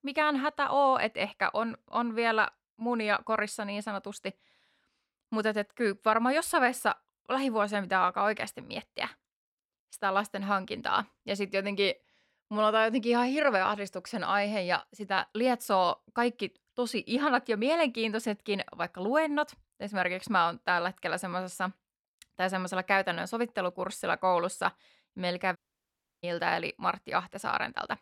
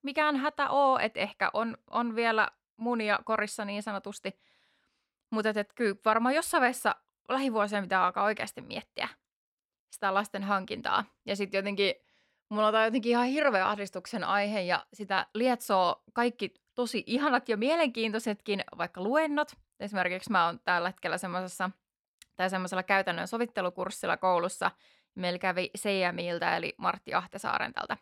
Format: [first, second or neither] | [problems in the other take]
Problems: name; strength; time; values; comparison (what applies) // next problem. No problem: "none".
second | audio cutting out; at 26 s for 0.5 s